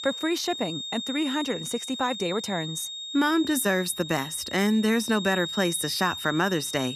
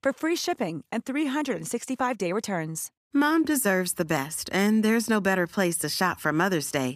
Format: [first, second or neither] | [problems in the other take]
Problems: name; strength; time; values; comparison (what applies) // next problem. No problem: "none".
second | high-pitched whine; loud; throughout; 3.5 kHz, 7 dB below the speech